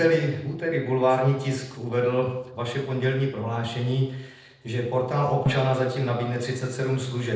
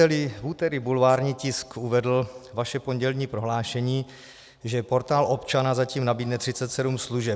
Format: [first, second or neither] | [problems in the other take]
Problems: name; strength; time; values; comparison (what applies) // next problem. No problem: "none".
second | noise reduction (neural separator model SepFormer DNS4)